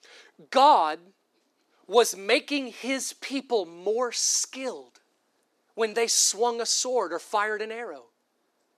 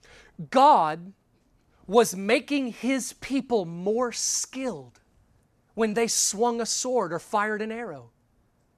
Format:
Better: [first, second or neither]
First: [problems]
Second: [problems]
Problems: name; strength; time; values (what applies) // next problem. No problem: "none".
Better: second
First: thin; very slightly; fading below 300 Hz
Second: none